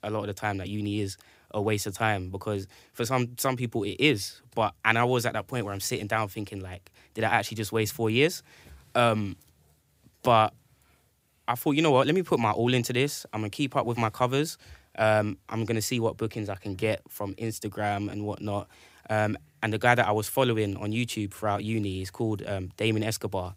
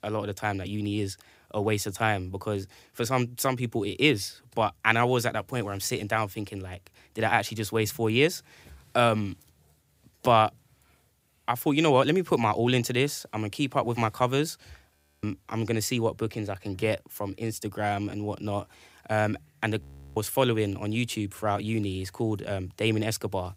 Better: first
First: none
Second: audio freezing; at 15 s and at 20 s

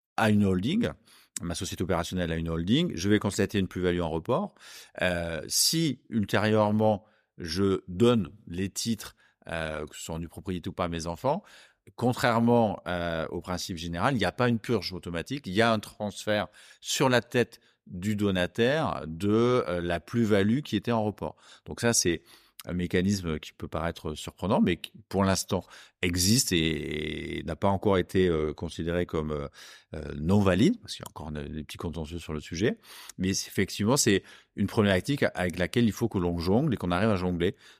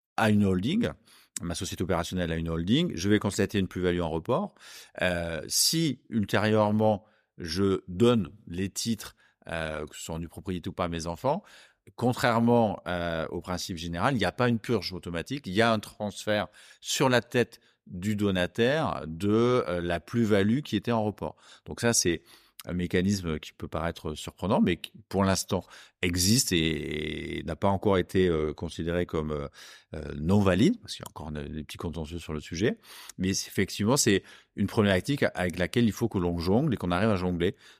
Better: neither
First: none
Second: none

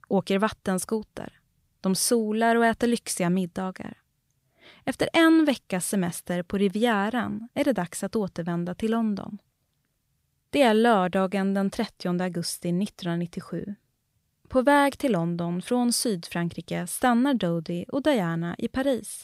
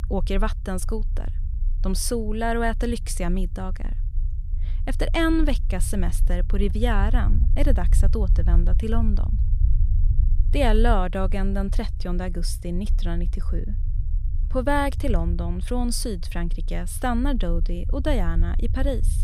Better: first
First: none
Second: low rumble; noticeable; throughout; 20 dB below the speech

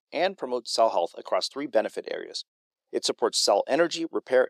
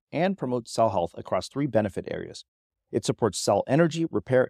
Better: second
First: thin; somewhat; fading below 350 Hz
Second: none

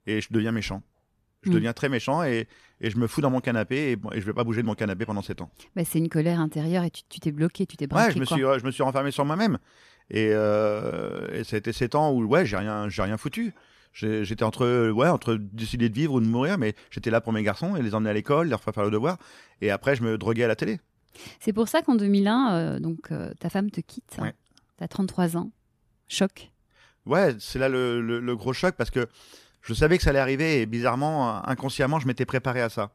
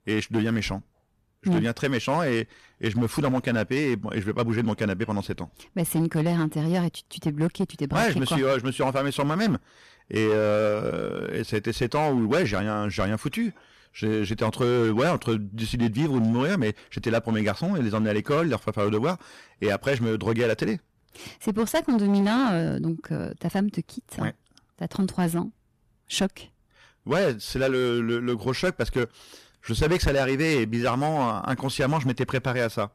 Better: first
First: none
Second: distortion; slight; 9% of the sound clipped

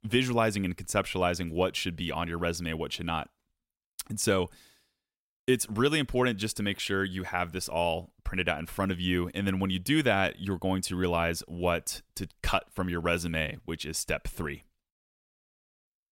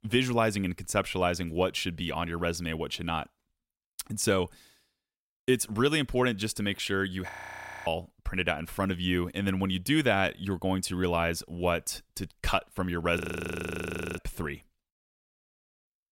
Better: first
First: none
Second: audio freezing; at 7.5 s for 0.5 s and at 13 s for 1 s

